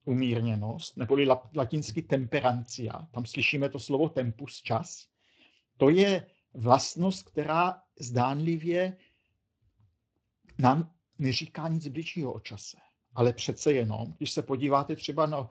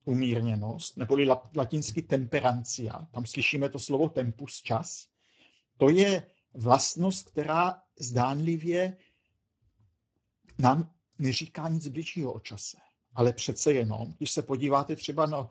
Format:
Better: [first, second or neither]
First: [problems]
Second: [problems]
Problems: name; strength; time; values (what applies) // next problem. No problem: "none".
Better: first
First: garbled, watery; slightly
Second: garbled, watery; badly; nothing above 7.5 kHz